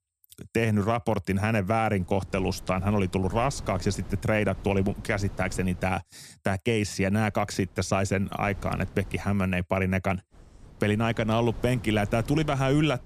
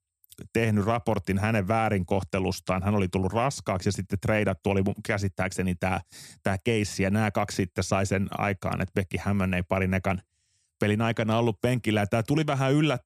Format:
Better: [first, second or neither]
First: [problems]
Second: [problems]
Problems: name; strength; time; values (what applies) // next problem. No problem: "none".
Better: second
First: wind noise on the microphone; occasional gusts; from 2 to 6 s, from 7 to 9.5 s and from 10 s on; 20 dB below the speech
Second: none